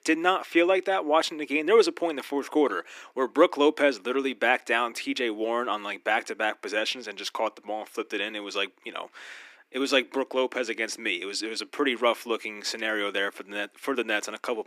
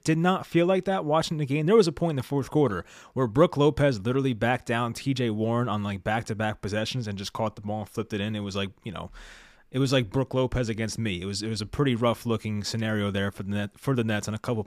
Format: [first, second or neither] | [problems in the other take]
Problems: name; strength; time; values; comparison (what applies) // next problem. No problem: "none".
second | thin; somewhat; fading below 300 Hz